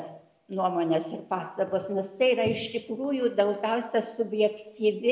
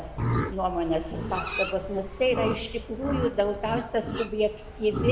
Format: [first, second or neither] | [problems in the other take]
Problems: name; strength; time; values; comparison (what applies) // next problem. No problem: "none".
first | background sound (Livestock, farm animals, working animals); 4 dB below the speech